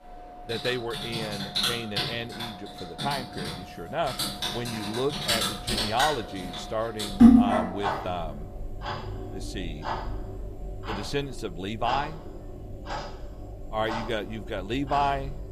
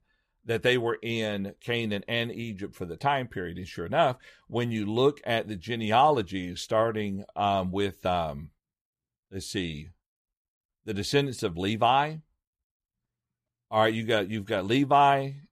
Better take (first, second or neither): second